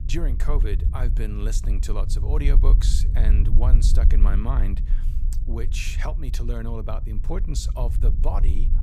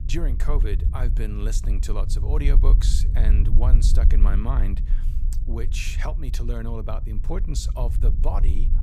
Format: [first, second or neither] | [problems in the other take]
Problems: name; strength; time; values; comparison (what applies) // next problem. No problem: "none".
neither | low rumble; loud; throughout; 9 dB below the speech; the same in both